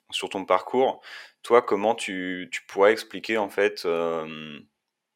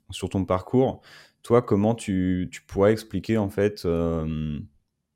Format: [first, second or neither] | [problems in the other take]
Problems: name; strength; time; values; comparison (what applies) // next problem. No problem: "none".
second | thin; somewhat; fading below 450 Hz